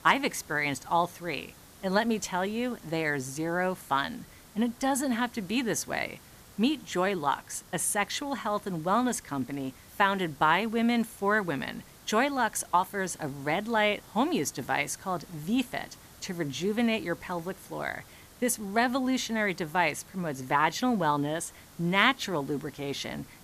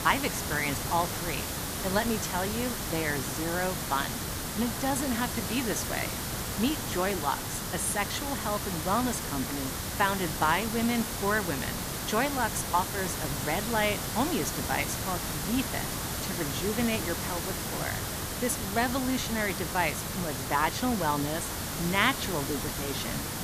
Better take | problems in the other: first | hiss; loud; throughout; 2 dB below the speech; faint in the first

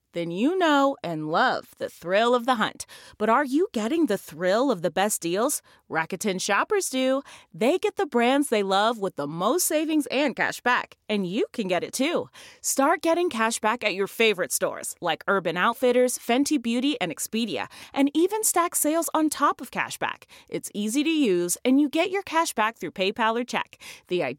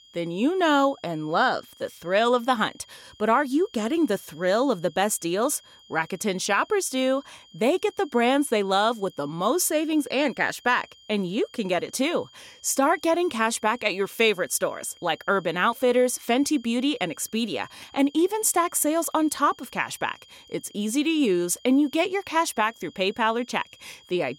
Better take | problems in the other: first | high-pitched whine; faint; throughout; 3 kHz, 25 dB below the speech

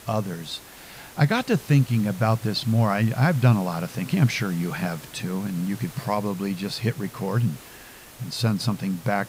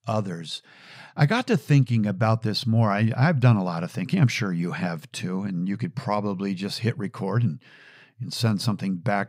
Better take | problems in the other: second | hiss; noticeable; throughout; 20 dB below the speech

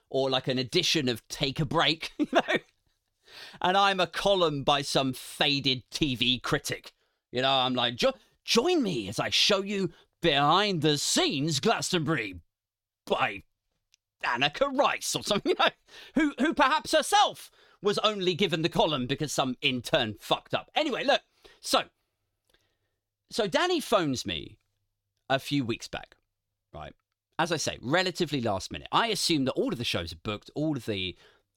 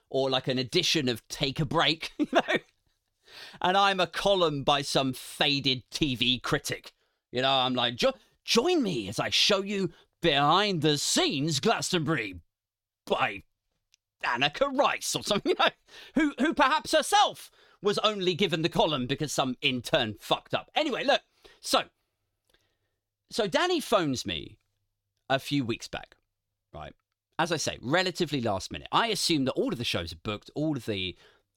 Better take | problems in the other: neither | none

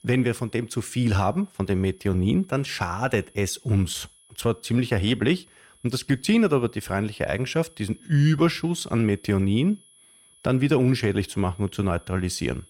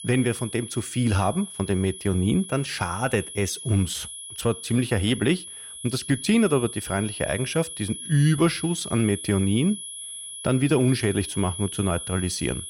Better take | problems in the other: first | high-pitched whine; loud; throughout; 10.5 kHz, 10 dB below the speech; faint in the first

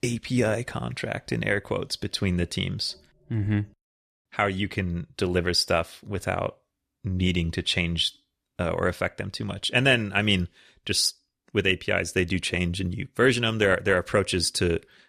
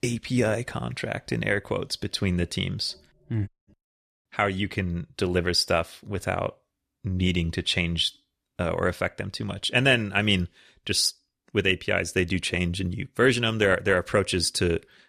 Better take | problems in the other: first | audio cutting out; at 3.5 s

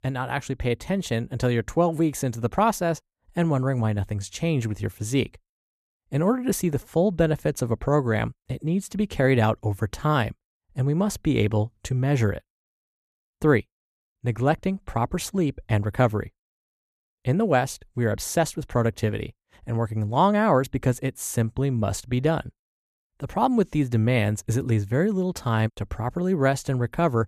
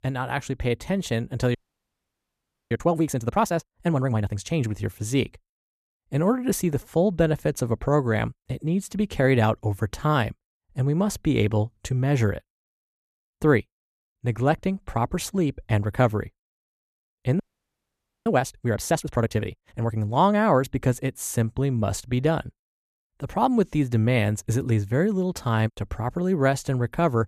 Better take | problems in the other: first | audio freezing; at 1.5 s for 1 s and at 17 s for 1 s

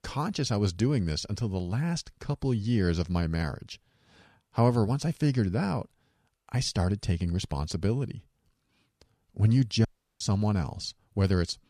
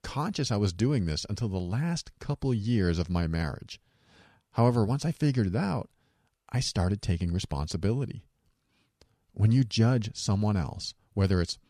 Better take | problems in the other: second | audio cutting out; at 10 s

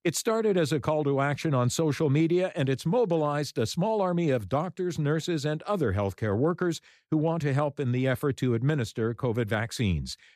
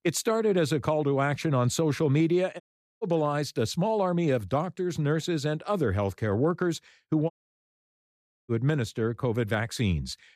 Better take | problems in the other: first | audio cutting out; at 2.5 s and at 7.5 s for 1 s

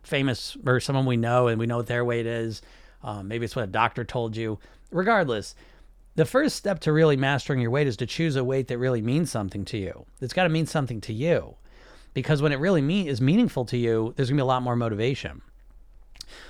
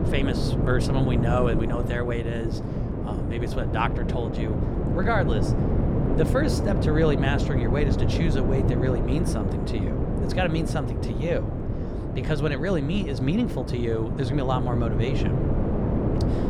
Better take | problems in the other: first | wind noise on the microphone; heavy; 3 dB below the speech

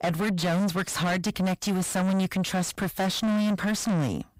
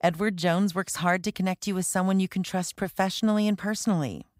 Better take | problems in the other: second | distortion; heavy; 6 dB below the speech

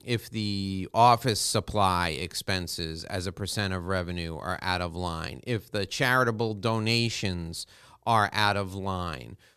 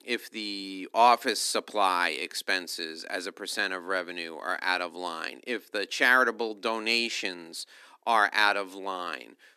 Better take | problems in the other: first | thin; somewhat; fading below 250 Hz

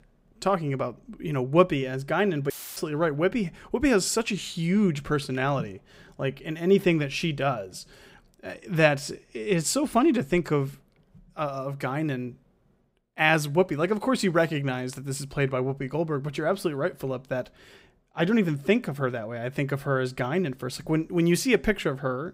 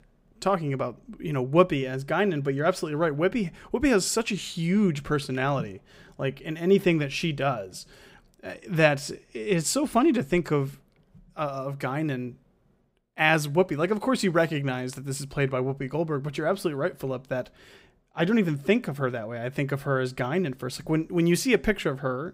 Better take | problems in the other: second | audio cutting out; filled with static; at 2.5 s

